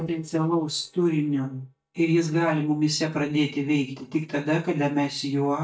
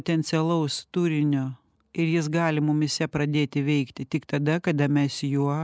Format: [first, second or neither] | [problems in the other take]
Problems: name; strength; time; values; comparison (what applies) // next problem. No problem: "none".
second | noise reduction (neural mask model DeepFilterNet 3)